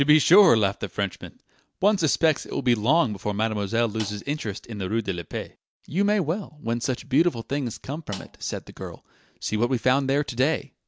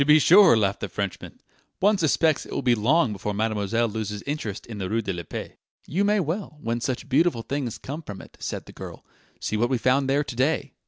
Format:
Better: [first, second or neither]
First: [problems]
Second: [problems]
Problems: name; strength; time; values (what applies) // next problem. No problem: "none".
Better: second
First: background sound (Snare drum); 19 dB below the speech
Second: none